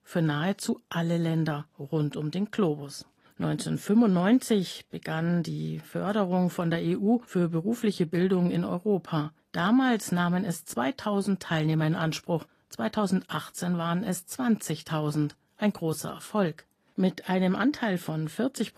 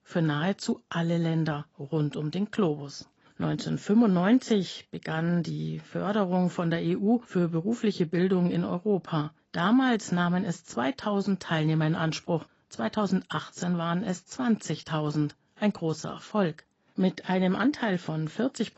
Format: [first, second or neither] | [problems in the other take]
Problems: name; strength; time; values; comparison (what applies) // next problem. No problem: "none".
first | garbled, watery; badly; nothing above 8 kHz; slightly in the first